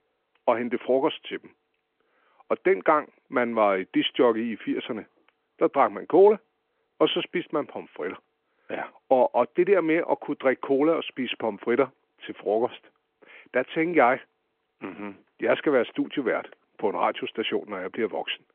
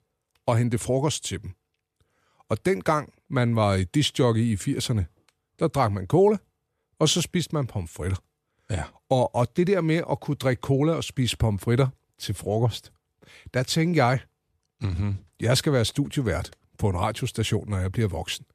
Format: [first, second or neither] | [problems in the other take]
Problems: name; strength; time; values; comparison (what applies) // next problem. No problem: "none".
second | phone-call audio; nothing above 3 kHz